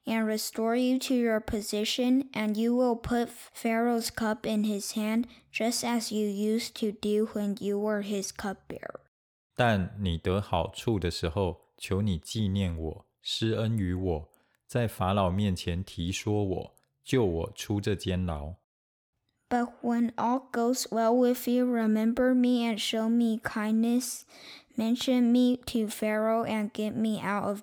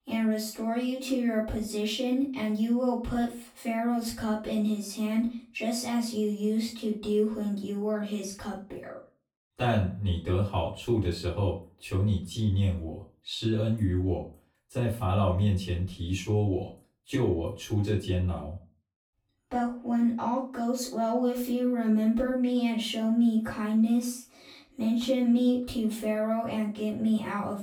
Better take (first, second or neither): first